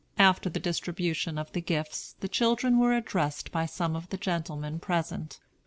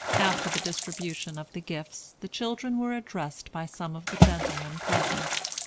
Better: first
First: none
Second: background sound (Water / Splash, splatter); 3 dB above the speech

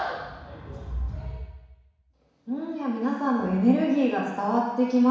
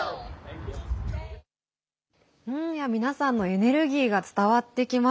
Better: second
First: room echo; dies away in 1.1 s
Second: none

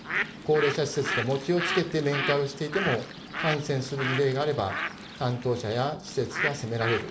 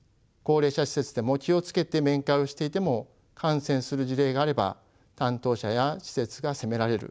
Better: second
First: background sound (Bird); 5 dB below the speech // room echo; dies away in 0.5 s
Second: none

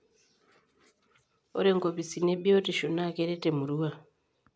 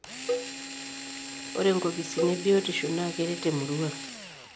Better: first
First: none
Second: background sound (Drill + Cowbell); 6 dB below the speech

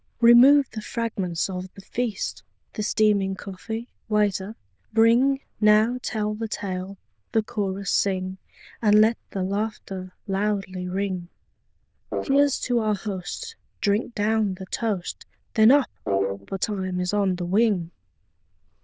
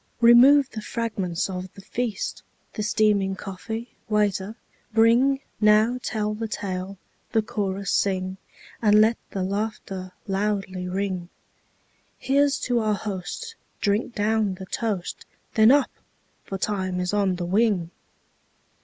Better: second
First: noise reduction (neural diffusion model UNIVERSE++)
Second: none

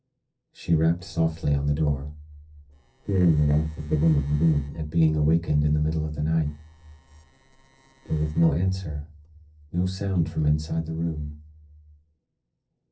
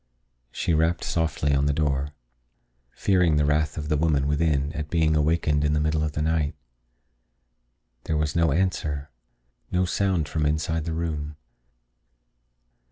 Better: second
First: noise reduction (neural separator model SepFormer DNS4)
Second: none

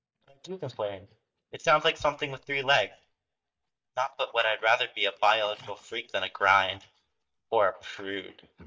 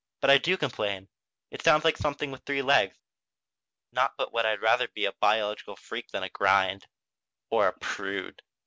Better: second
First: noise reduction (neural mask model DeepFilterNet 3)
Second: none

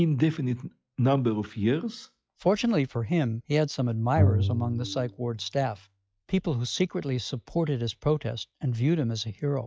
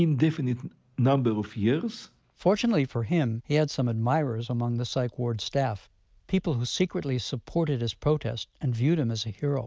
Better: second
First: noise reduction (classical method log-MMSE)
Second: none

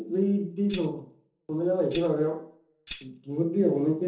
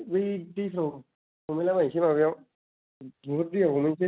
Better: second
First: background sound (Tambourine); 18 dB below the speech // room echo; dies away in 0.6 s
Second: none

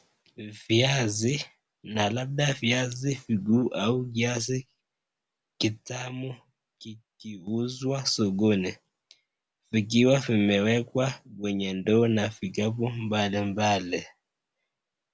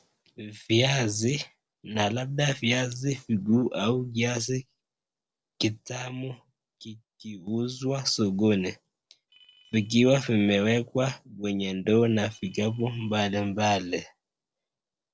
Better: first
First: none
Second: noise reduction (neural separator model SepFormer DNS4)

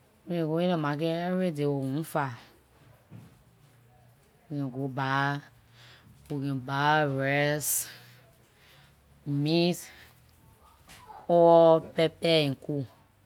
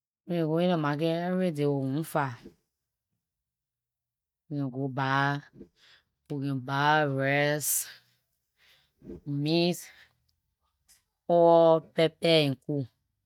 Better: first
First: none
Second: noise reduction (neural mask model DeepFilterNet 3)

